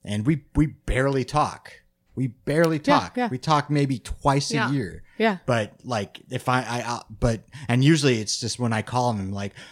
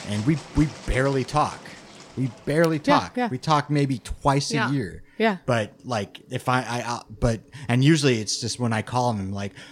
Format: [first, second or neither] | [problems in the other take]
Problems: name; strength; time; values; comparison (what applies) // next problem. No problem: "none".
first | animal sounds; faint; throughout; 20 dB below the speech